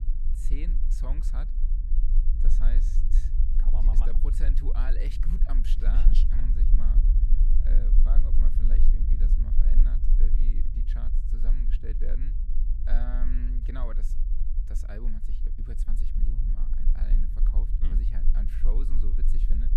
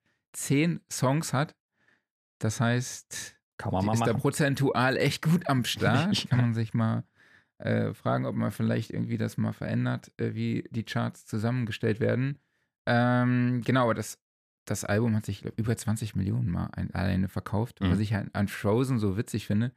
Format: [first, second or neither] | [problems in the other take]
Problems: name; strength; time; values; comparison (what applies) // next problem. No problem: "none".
second | low rumble; loud; throughout; 4 dB below the speech